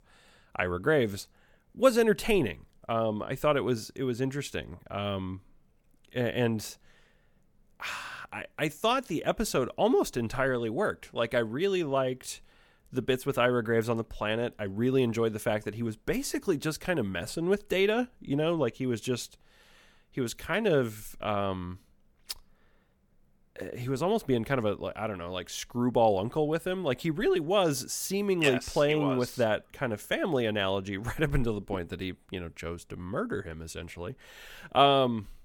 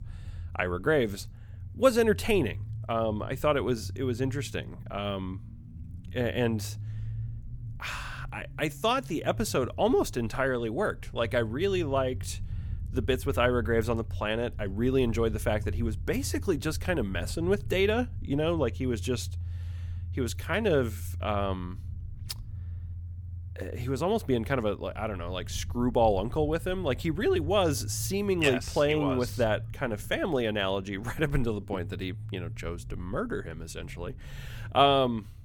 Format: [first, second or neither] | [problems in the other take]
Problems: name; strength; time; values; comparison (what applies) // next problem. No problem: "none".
first | low rumble; faint; throughout; 25 dB below the speech